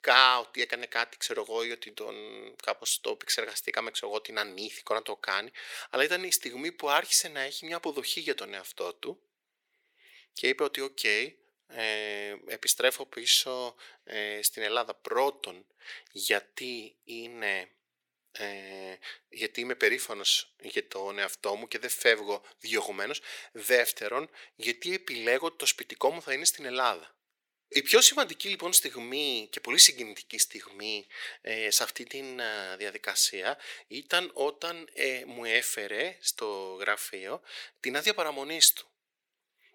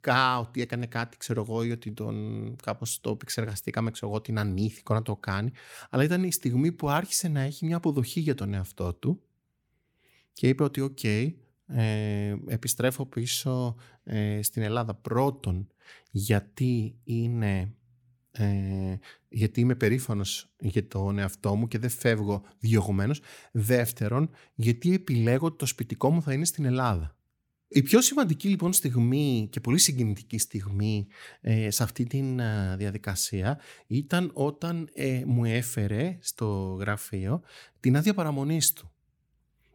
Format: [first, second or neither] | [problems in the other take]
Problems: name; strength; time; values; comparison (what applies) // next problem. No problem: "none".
second | thin; very; fading below 450 Hz